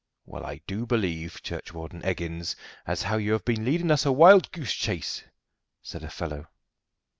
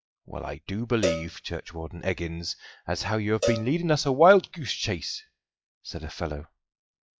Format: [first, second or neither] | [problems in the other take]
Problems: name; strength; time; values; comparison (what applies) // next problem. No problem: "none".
first | noise reduction (classical method log-MMSE)